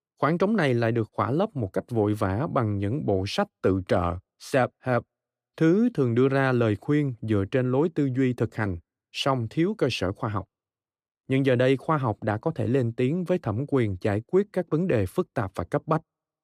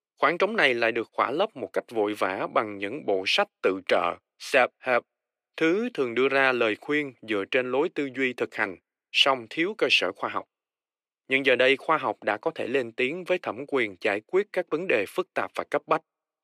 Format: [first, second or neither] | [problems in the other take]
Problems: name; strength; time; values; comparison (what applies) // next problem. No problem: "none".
first | thin; somewhat; fading below 450 Hz